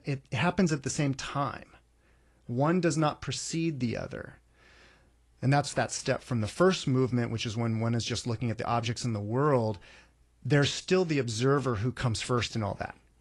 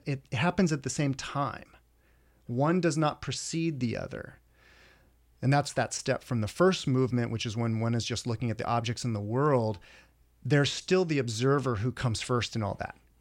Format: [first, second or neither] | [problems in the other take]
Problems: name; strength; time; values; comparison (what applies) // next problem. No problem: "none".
second | garbled, watery; slightly